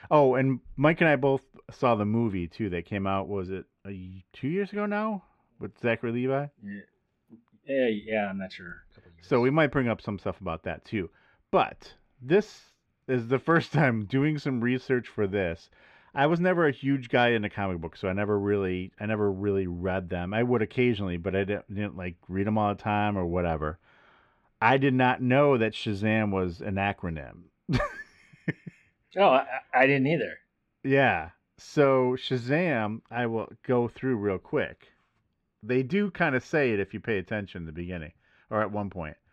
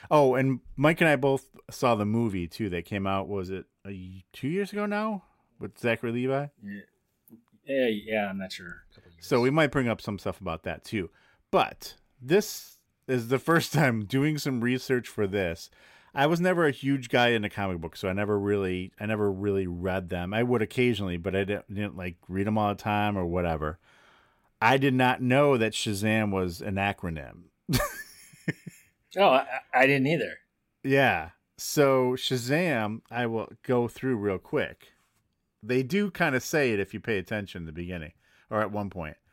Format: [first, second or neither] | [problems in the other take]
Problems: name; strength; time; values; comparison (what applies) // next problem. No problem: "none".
second | muffled; slightly; fading above 3 kHz